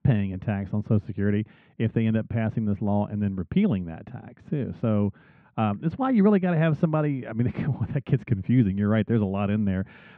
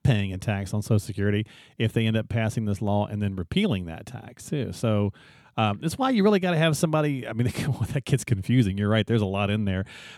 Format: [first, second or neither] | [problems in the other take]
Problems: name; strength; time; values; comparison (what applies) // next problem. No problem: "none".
second | muffled; very; fading above 2 kHz